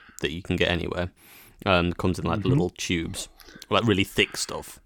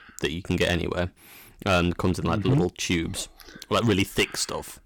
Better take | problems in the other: first | distortion; slight; 4% of the sound clipped

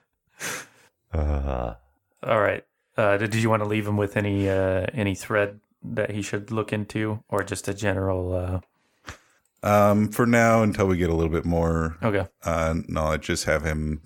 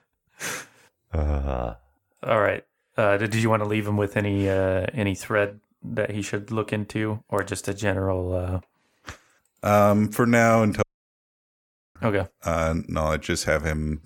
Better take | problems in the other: first | audio cutting out; at 11 s for 1 s

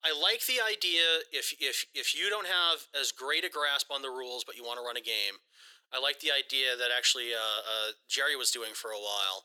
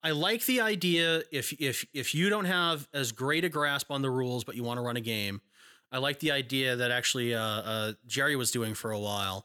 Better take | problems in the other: second | thin; very; fading below 400 Hz

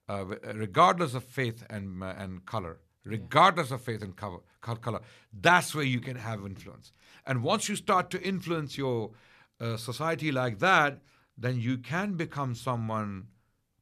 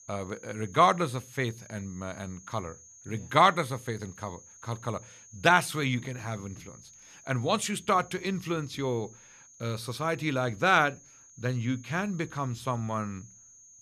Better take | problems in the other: first | high-pitched whine; faint; throughout; 6.5 kHz, 20 dB below the speech

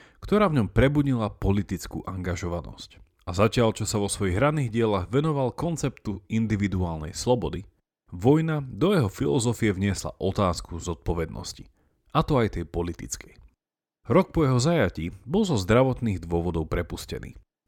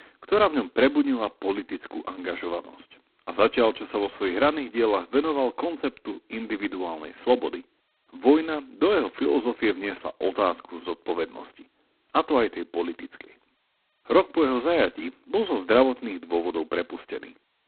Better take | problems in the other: first | phone-call audio; poor line; nothing above 4 kHz

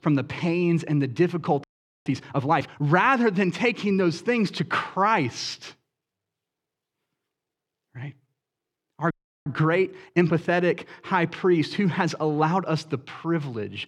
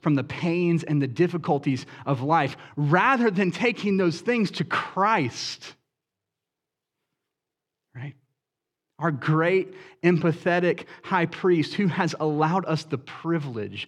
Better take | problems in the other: second | audio freezing; at 1.5 s and at 9 s

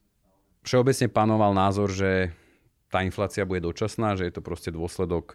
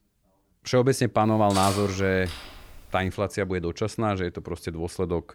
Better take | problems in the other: first | clattering dishes; noticeable; from 1.5 to 3 s; peak 4 dB below the speech

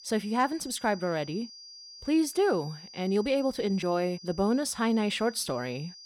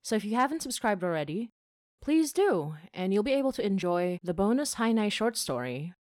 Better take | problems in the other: second | high-pitched whine; noticeable; throughout; 5 kHz, 15 dB below the speech

